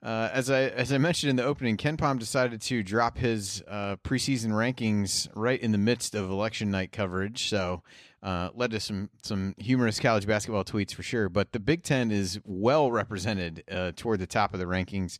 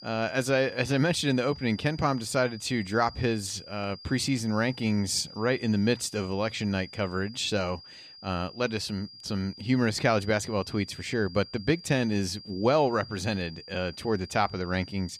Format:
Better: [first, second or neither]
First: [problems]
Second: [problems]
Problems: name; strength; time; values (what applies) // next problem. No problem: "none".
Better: first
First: none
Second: high-pitched whine; noticeable; throughout; 5 kHz, 15 dB below the speech